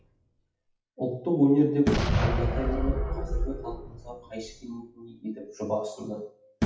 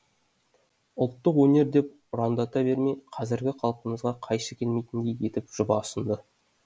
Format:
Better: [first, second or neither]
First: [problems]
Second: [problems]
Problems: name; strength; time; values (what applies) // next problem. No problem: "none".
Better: second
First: noise reduction (classical method WPE with log-MMSE)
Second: none